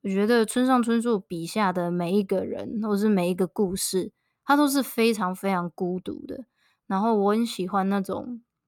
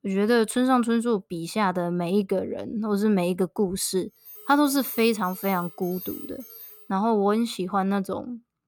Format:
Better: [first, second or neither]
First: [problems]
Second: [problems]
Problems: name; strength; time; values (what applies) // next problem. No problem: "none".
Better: first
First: none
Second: alarm; noticeable; from 4.5 to 7 s; peak 9 dB below the speech